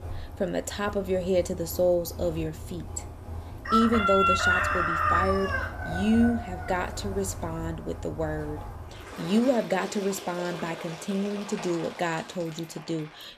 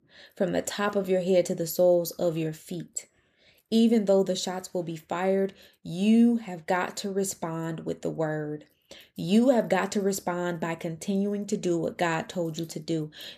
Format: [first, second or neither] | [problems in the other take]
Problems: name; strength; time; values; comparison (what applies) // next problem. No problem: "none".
second | animal sounds; loud; throughout; 2 dB below the speech